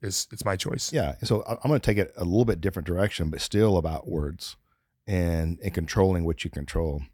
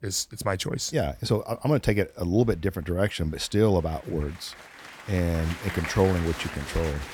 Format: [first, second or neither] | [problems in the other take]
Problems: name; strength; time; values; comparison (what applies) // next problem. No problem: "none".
first | crowd noise; noticeable; throughout; 10 dB below the speech